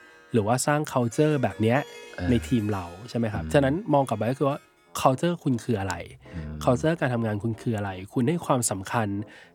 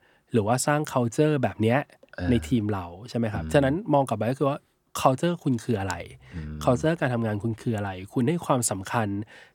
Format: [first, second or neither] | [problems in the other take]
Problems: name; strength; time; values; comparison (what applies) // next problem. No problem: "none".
second | background music; faint; throughout; 25 dB below the speech